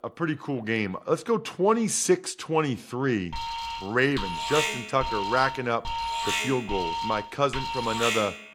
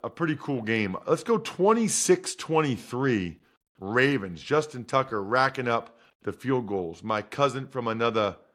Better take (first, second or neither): second